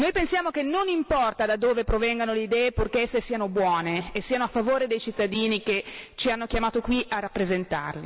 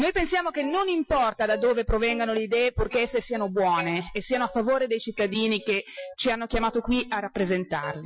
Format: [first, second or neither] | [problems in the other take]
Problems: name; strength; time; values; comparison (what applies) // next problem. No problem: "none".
first | noise reduction (classical method Wiener filter)